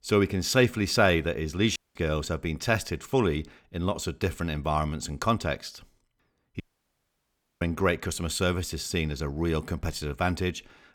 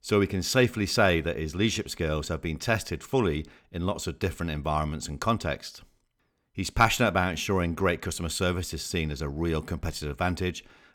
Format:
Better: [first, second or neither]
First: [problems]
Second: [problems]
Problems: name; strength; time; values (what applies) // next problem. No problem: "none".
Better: second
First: audio cutting out; at 2 s and at 6.5 s for 1 s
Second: none